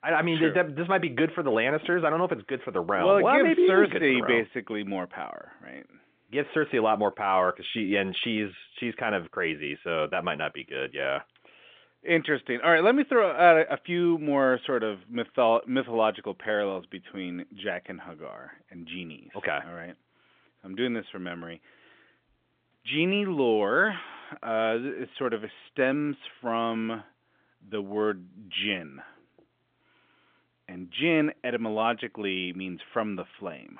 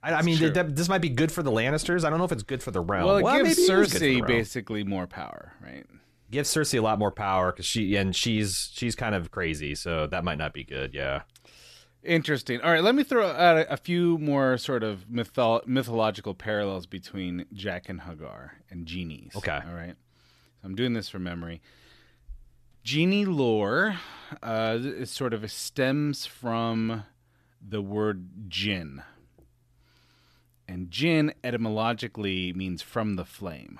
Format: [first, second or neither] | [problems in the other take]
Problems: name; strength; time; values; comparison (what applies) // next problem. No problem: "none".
second | phone-call audio; nothing above 3.5 kHz